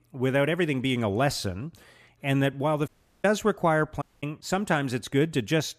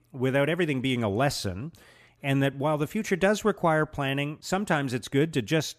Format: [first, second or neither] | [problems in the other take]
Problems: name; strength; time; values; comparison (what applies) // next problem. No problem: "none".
second | audio cutting out; at 3 s and at 4 s